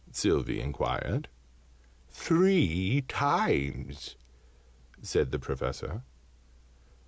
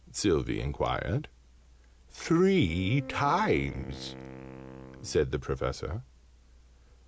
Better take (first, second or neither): first